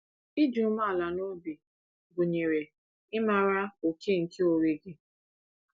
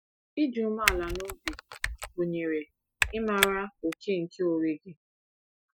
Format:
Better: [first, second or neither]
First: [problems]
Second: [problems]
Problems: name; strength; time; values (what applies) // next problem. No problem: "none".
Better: first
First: none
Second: noise reduction (classical method spectral subtraction)